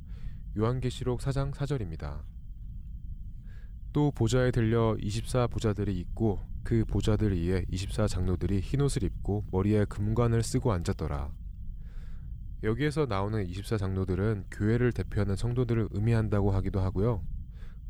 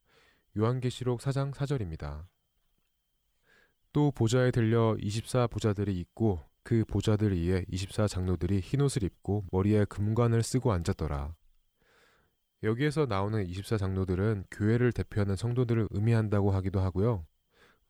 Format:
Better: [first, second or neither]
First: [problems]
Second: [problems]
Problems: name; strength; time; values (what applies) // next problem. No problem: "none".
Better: second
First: low rumble; faint; throughout; 25 dB below the speech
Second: none